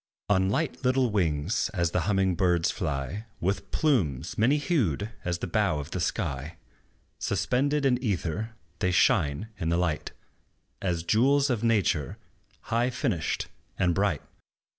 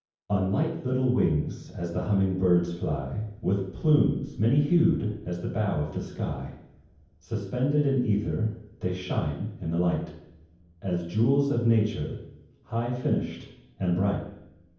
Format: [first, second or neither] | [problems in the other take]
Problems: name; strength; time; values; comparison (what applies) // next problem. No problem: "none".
first | room echo; dies away in 0.9 s